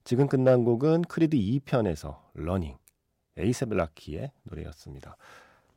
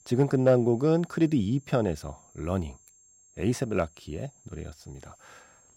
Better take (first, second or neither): first